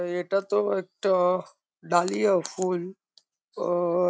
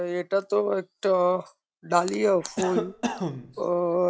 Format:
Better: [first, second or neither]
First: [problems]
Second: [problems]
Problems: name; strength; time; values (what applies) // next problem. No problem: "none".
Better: first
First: none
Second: background sound (Cough); 8 dB below the speech